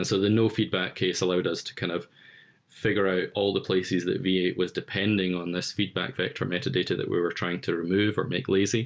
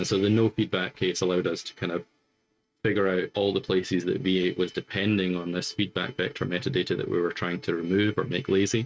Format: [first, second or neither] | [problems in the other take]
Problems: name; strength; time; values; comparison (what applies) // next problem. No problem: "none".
first | noise reduction (neural mask model RNNoise)